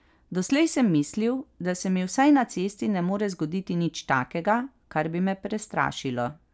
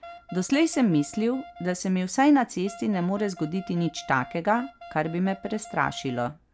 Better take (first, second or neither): first